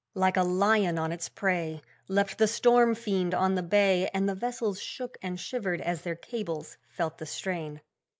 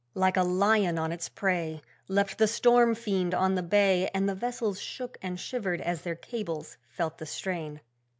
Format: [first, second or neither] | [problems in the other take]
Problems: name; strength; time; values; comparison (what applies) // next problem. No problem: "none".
second | noise reduction (neural mask model Resemble Enhance denoiser)